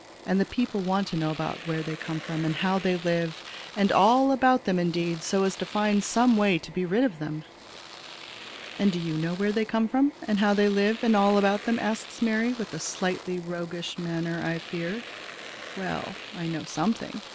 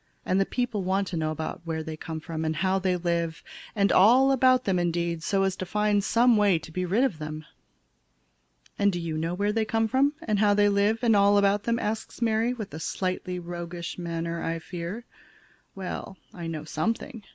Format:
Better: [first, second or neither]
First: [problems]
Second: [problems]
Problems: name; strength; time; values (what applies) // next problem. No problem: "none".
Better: second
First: background sound (Domestic sounds, home sounds); 16 dB below the speech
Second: none